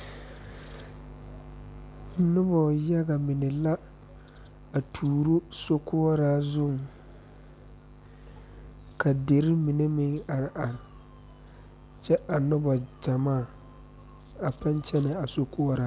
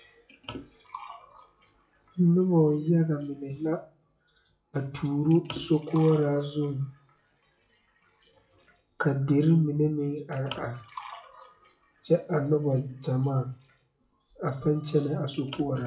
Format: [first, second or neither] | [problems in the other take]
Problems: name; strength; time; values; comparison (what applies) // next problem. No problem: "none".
first | noise reduction (classical method WPE with log-MMSE)